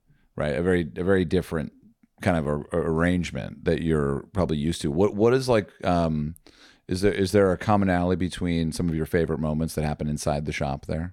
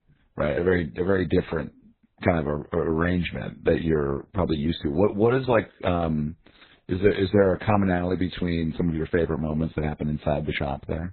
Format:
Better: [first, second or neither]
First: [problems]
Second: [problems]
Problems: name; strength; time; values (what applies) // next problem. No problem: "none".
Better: first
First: none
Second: garbled, watery; badly; nothing above 4 kHz